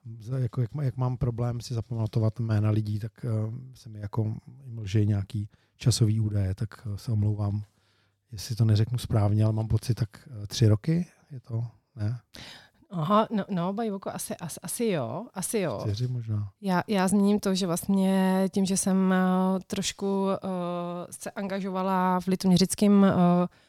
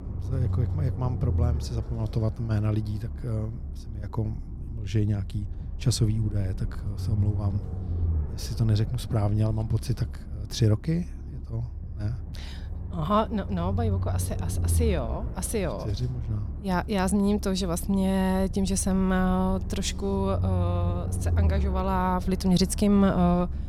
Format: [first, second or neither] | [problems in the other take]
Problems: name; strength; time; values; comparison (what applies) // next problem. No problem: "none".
first | low rumble; noticeable; throughout; 15 dB below the speech